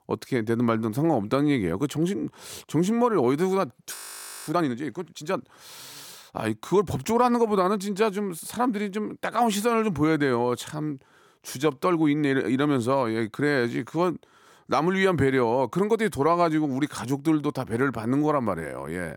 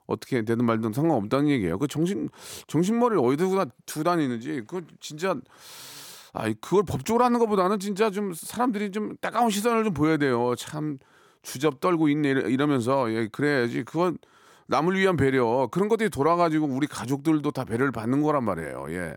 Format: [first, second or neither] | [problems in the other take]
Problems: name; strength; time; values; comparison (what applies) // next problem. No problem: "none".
second | audio freezing; at 4 s for 0.5 s